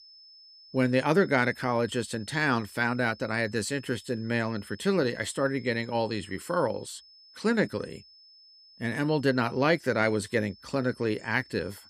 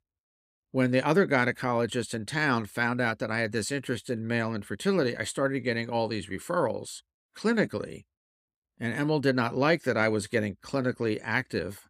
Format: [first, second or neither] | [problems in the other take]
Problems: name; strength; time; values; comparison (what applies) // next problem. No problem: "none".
second | high-pitched whine; faint; throughout; 5 kHz, 25 dB below the speech